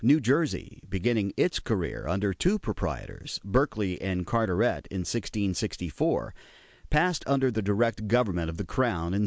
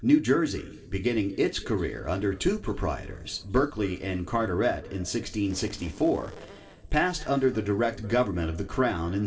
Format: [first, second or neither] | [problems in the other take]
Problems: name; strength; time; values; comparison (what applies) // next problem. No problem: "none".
first | noise reduction (neural separator model SepFormer DNS4)